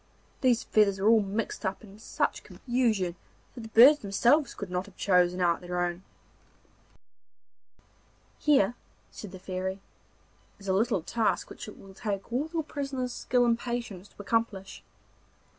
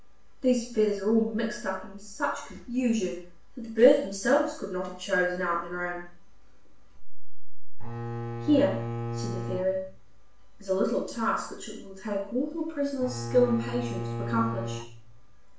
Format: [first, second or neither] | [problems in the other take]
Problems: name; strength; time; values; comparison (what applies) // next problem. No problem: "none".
first | background sound (Bowed string instrument); 8 dB below the speech // room echo; dies away in 0.5 s